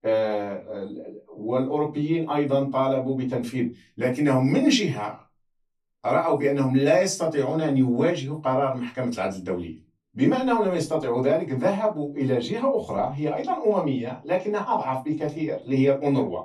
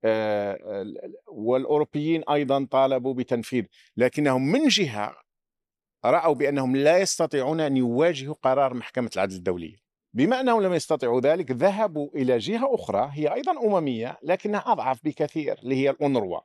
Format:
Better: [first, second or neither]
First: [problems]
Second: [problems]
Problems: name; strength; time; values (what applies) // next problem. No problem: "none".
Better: second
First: off-mic speech; far // room echo; very slight; dies away in 0.2 s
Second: none